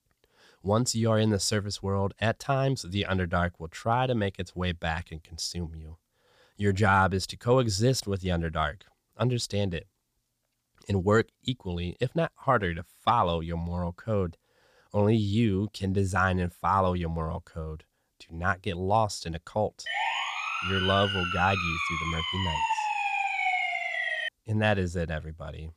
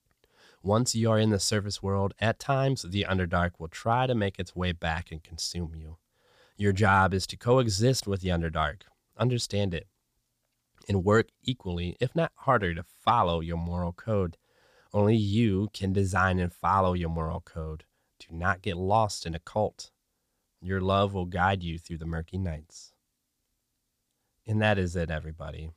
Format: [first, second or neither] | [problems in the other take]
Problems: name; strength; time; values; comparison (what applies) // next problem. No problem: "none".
second | siren; loud; from 20 to 24 s; peak 2 dB above the speech